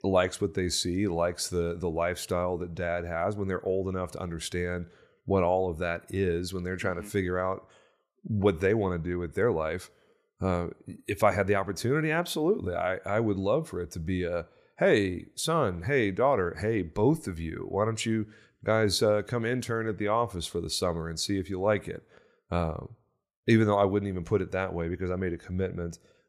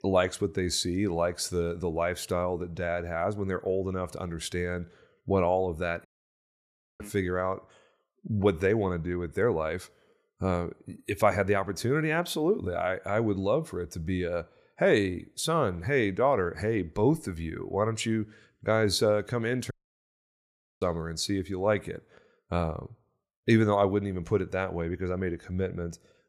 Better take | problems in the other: first | audio cutting out; at 6 s for 1 s and at 20 s for 1 s

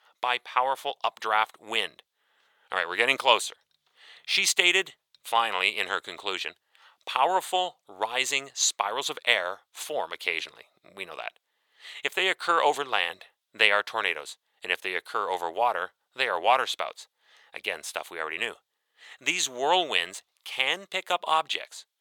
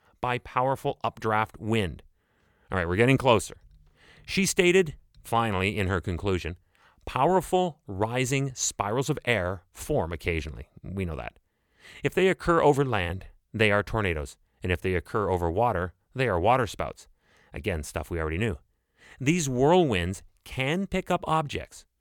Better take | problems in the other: second | thin; very; fading below 800 Hz

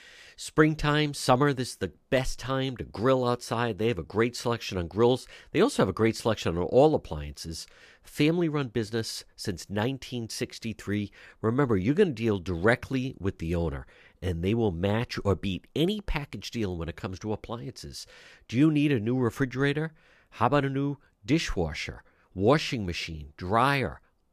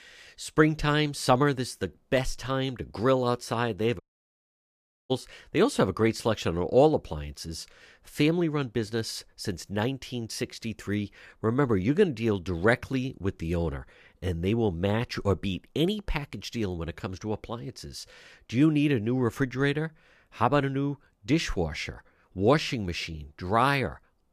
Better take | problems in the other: first | audio cutting out; at 4 s for 1 s

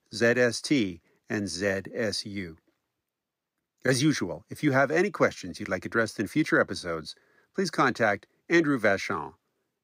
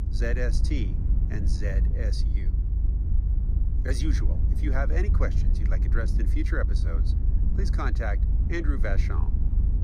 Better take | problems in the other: first | low rumble; loud; throughout; 8 dB below the speech

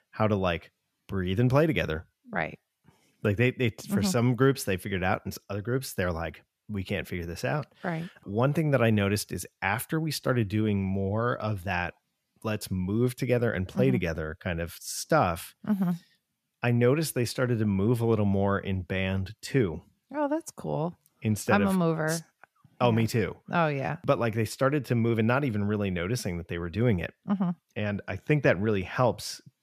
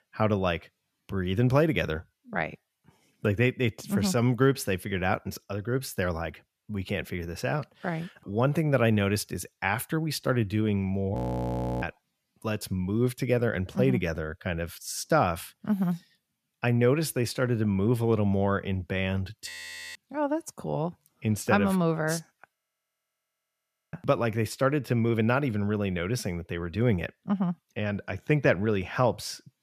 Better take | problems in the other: first | audio freezing; at 11 s for 0.5 s, at 19 s and at 23 s for 1.5 s

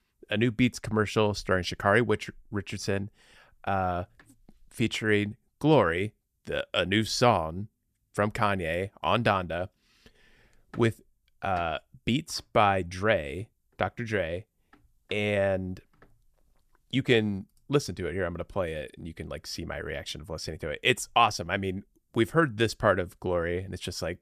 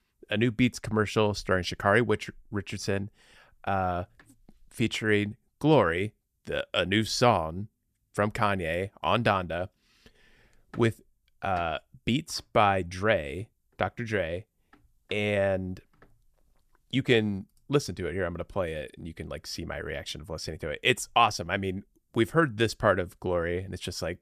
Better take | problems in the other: neither | none

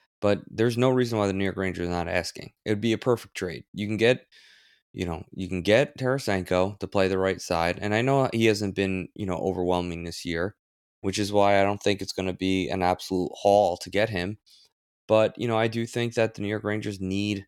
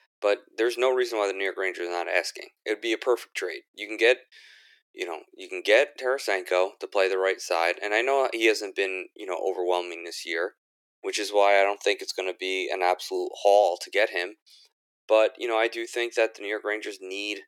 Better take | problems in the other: first | thin; very; fading below 350 Hz

